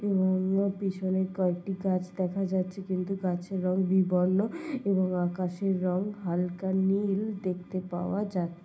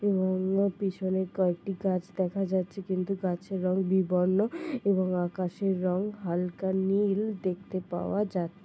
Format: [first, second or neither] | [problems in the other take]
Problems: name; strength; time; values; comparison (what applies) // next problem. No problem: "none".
second | room echo; dies away in 0.4 s